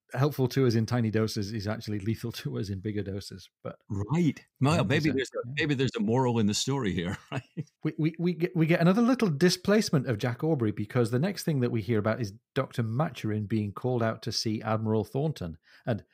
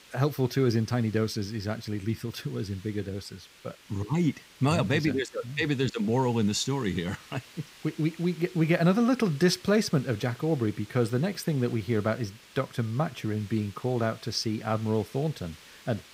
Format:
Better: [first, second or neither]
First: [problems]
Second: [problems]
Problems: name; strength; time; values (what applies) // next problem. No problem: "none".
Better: first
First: none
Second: hiss; faint; throughout; 20 dB below the speech